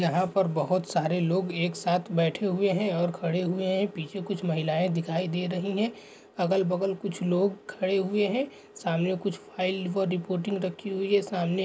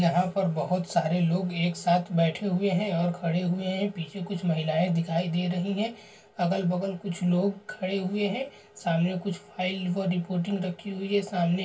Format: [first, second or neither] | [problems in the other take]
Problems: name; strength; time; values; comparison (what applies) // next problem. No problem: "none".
first | room echo; dies away in 0.2 s